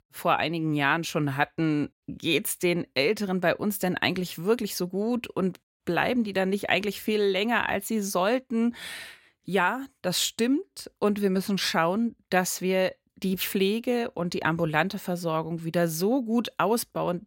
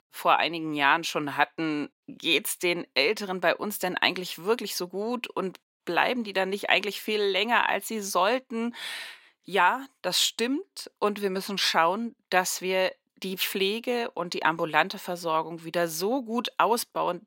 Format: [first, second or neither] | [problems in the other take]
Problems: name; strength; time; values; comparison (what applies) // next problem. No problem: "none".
first | thin; somewhat; fading below 300 Hz